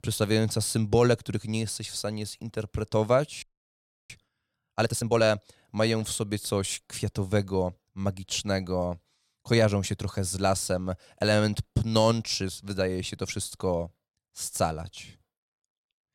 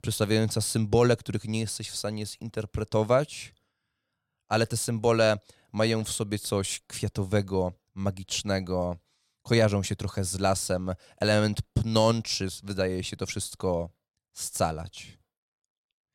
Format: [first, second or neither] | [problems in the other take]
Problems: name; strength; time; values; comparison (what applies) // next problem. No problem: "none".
second | audio freezing; at 3.5 s for 0.5 s